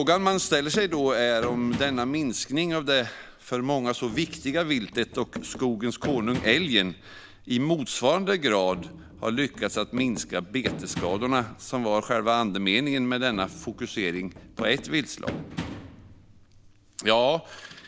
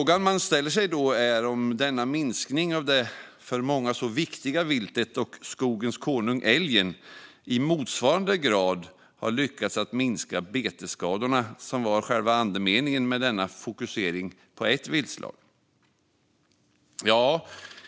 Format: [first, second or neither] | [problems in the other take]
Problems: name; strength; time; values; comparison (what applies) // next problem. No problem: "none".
second | background sound (Run); 14 dB below the speech